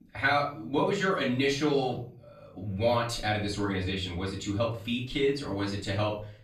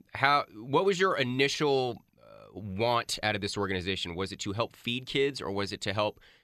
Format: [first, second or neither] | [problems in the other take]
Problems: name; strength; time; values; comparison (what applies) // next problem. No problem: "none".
second | off-mic speech; far // room echo; slight; dies away in 0.5 s